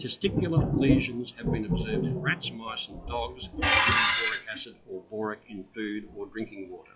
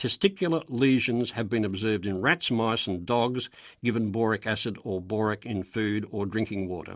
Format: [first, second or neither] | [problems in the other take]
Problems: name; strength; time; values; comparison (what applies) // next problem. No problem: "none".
second | noise reduction (classical method log-MMSE)